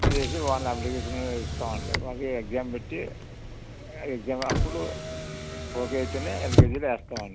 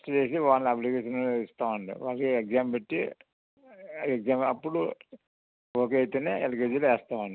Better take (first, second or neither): second